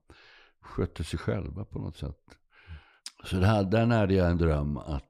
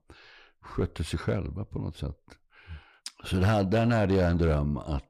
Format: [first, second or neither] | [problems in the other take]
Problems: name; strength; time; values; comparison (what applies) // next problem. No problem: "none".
first | distortion; slight; 5% of the sound clipped